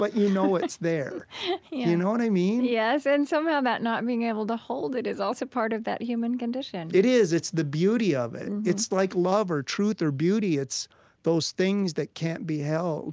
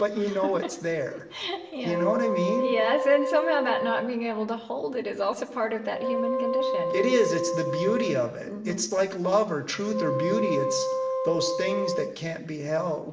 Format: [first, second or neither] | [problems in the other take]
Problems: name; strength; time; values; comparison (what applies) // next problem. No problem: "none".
first | background sound (Wind instrument, woodwind instrument); 2 dB below the speech // room echo; dies away in 0.8 s